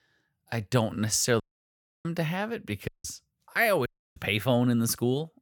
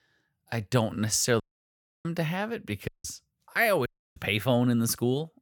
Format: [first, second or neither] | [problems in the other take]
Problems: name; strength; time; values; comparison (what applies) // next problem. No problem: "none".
neither | audio cutting out; at 1.5 s for 0.5 s, at 3 s and at 4 s; the same in both